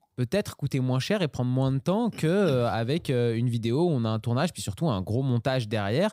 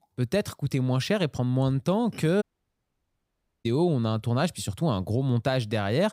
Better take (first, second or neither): first